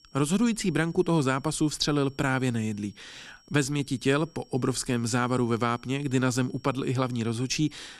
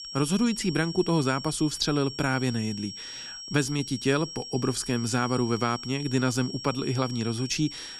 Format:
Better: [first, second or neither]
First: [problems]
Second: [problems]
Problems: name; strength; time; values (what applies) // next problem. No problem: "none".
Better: first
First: high-pitched whine; faint; throughout; 5.5 kHz, 30 dB below the speech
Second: high-pitched whine; loud; throughout; 5.5 kHz, 10 dB below the speech